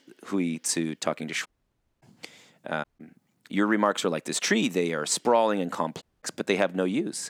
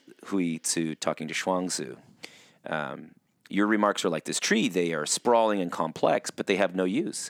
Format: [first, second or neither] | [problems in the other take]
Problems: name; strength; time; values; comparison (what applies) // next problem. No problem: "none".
second | audio cutting out; at 1.5 s for 0.5 s, at 3 s and at 6 s